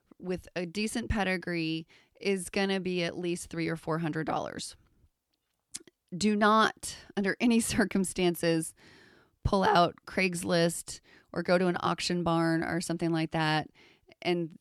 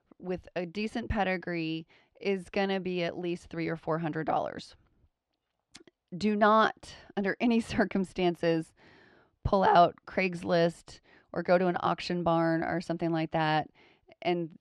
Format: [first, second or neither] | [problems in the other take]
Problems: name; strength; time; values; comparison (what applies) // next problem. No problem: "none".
first | muffled; slightly; fading above 4 kHz